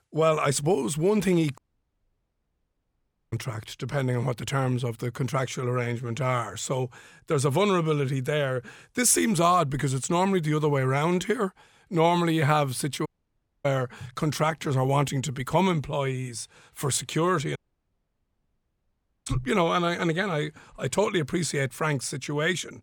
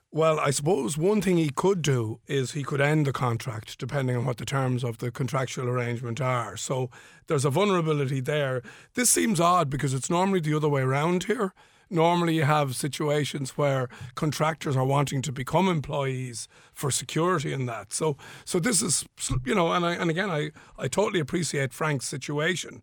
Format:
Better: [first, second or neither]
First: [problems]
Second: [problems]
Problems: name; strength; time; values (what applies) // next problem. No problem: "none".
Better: second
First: audio cutting out; at 1.5 s for 1.5 s, at 13 s for 0.5 s and at 18 s for 1.5 s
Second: none